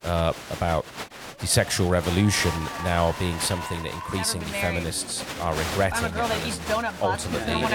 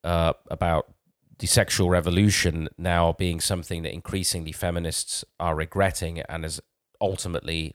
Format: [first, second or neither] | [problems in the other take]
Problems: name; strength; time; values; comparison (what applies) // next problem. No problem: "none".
second | crowd noise; loud; throughout; 5 dB below the speech